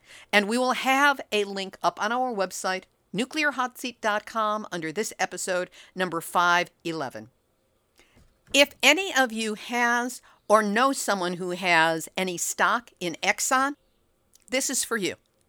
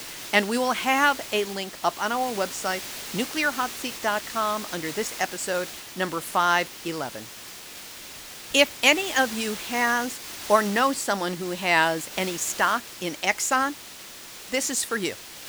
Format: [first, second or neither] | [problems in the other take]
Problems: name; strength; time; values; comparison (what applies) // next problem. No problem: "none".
first | hiss; noticeable; throughout; 10 dB below the speech